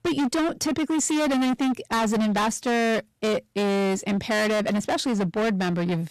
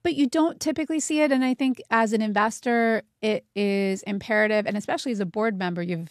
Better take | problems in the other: second | distortion; heavy; 34% of the sound clipped

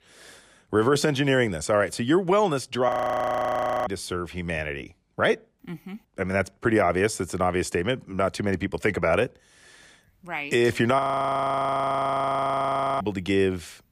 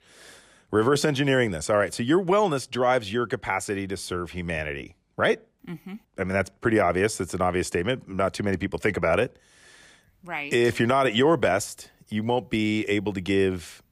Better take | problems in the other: second | audio freezing; at 3 s for 1 s and at 11 s for 2 s

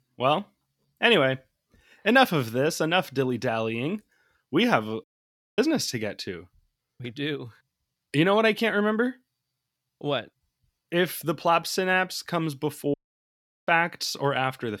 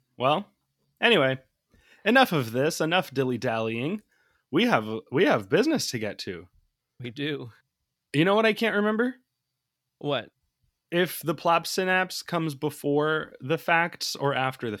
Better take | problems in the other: second | audio cutting out; at 5 s for 0.5 s and at 13 s for 0.5 s

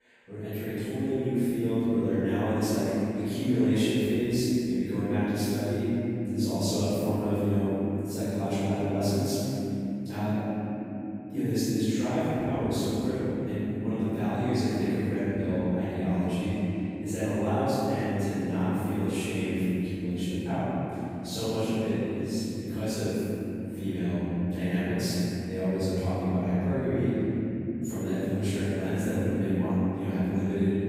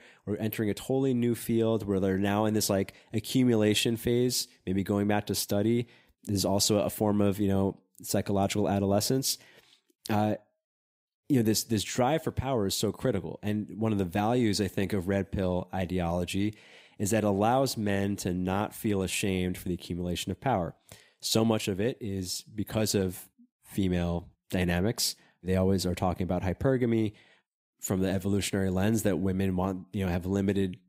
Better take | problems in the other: second | room echo; strong; dies away in 3 s // off-mic speech; far

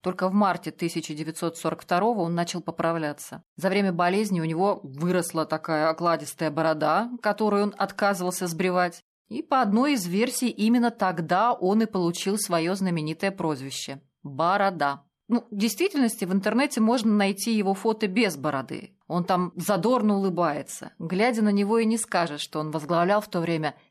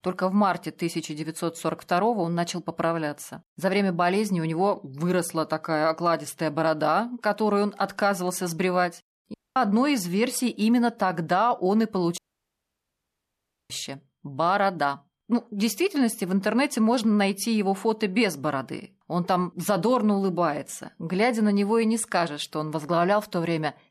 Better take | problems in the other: first | audio cutting out; at 9.5 s and at 12 s for 1.5 s

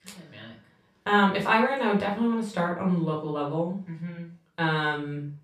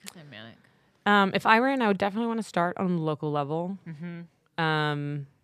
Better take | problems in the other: second | room echo; slight; dies away in 0.3 s // off-mic speech; far

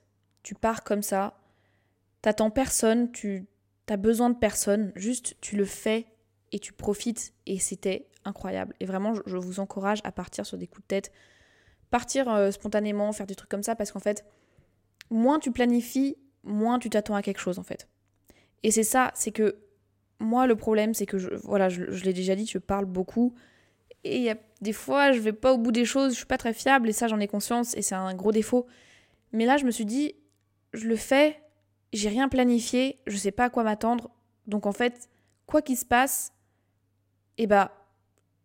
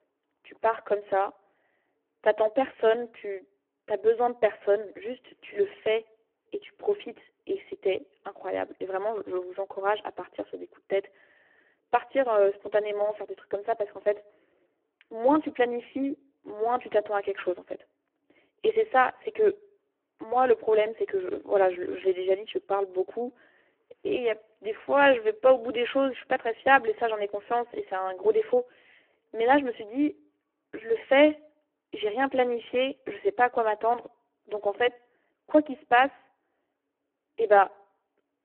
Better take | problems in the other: first | phone-call audio; poor line

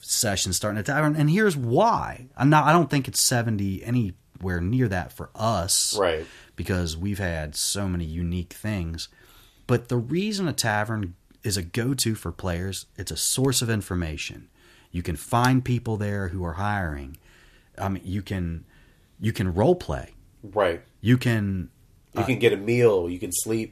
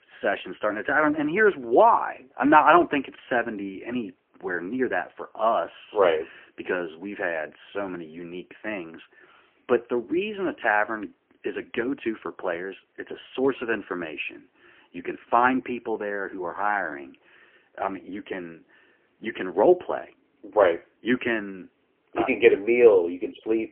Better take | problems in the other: first | phone-call audio; poor line; nothing above 3 kHz

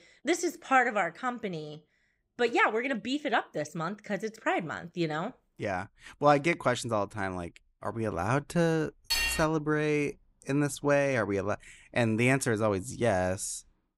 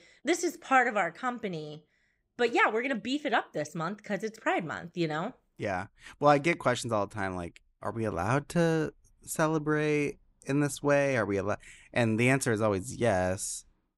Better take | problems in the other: second | clattering dishes; loud; at 9 s; peak 2 dB above the speech

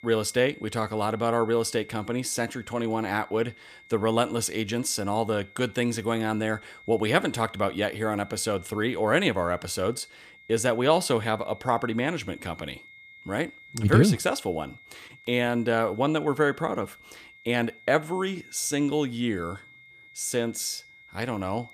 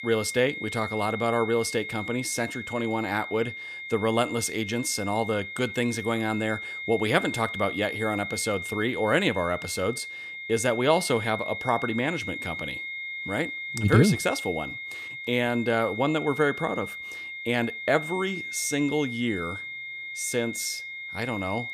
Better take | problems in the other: first | high-pitched whine; loud; throughout; 2 kHz, 7 dB below the speech; faint in the first

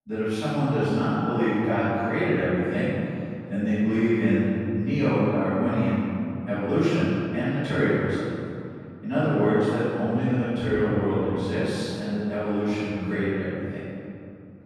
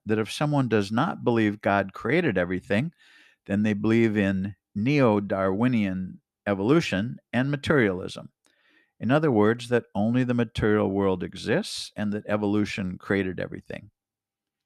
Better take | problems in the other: second | off-mic speech; far // room echo; strong; dies away in 2.6 s

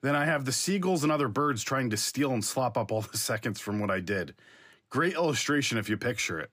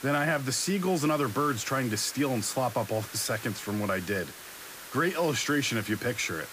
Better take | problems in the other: first | hiss; noticeable; throughout; 15 dB below the speech

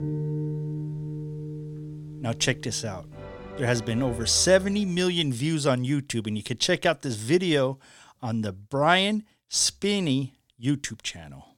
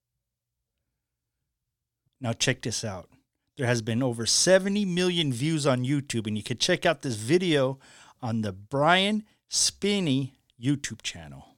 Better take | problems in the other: second | background music; noticeable; until 4.5 s; 10 dB below the speech

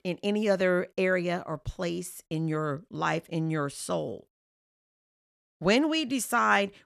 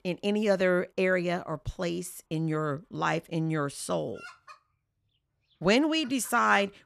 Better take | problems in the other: first | animal sounds; faint; throughout; 20 dB below the speech

